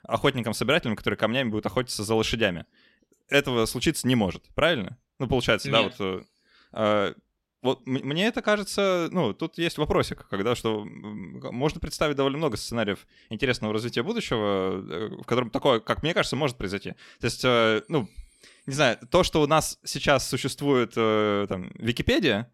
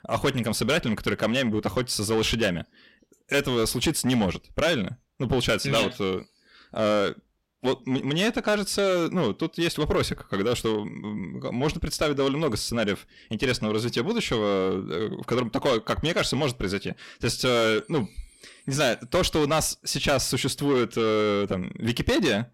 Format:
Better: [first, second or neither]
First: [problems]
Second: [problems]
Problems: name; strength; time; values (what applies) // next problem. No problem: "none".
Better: first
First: none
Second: distortion; heavy; 8 dB below the speech